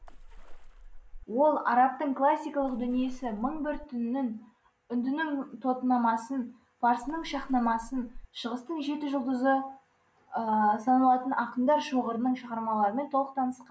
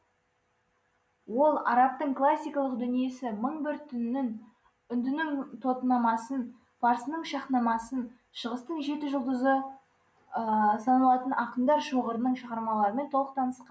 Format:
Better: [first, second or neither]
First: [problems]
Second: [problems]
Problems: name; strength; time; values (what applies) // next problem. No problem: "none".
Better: second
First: background sound (Water / Splash, splatter); 14 dB below the speech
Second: none